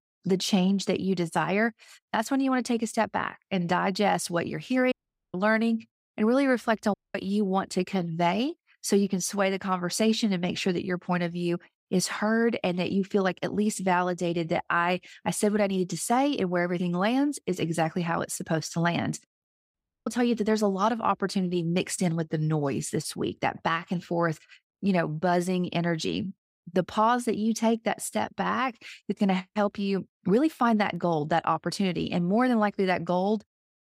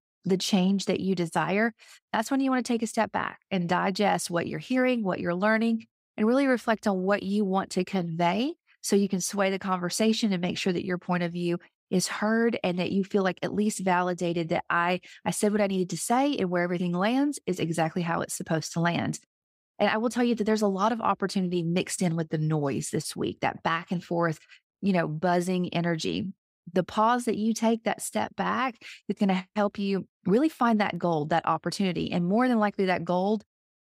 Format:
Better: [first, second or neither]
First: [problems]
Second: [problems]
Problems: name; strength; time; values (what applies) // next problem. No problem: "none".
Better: second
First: audio cutting out; at 5 s, at 7 s and at 20 s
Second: none